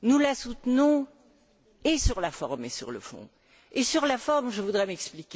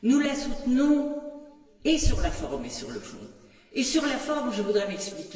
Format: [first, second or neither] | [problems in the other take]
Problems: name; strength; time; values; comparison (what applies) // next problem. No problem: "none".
first | room echo; dies away in 1.3 s